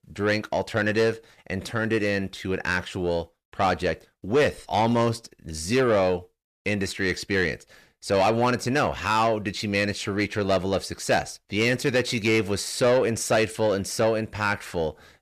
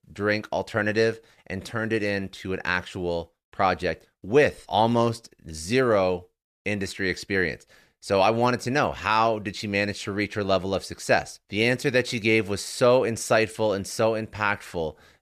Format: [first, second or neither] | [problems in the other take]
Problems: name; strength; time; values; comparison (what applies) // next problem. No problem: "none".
second | distortion; slight; 10 dB below the speech